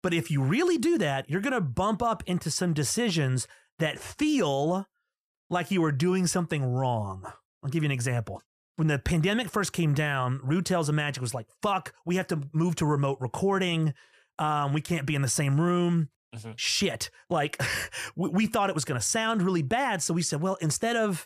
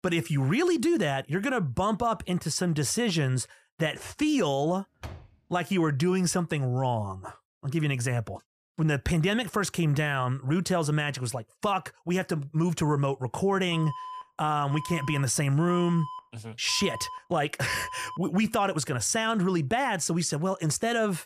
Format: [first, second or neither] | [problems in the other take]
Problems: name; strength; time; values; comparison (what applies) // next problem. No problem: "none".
first | door banging; faint; at 5 s; peak 15 dB below the speech // alarm; faint; from 14 to 18 s; peak 10 dB below the speech